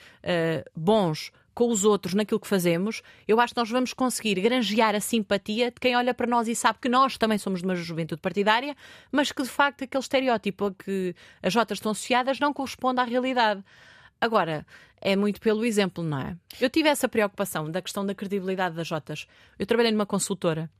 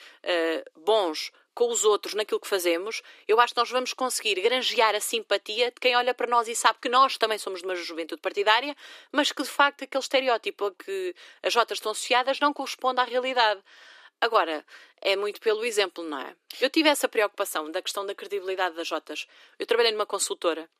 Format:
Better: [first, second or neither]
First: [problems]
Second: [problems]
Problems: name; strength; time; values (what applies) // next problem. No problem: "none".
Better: first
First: none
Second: thin; somewhat; fading below 300 Hz